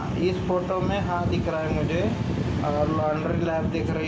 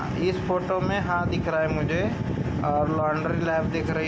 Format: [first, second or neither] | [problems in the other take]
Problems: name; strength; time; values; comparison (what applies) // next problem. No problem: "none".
second | background sound (Truck); 20 dB below the speech // room echo; dies away in 0.7 s